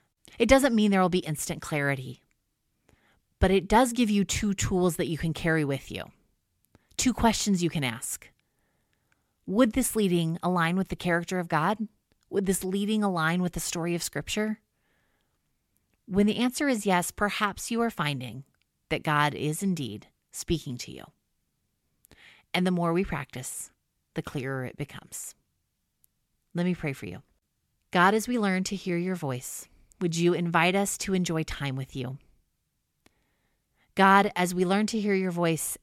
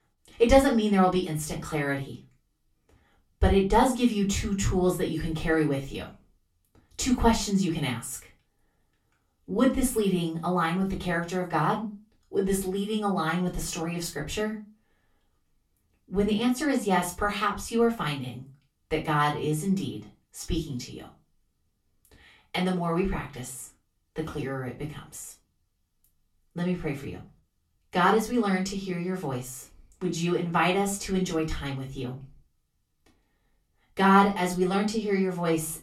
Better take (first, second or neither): first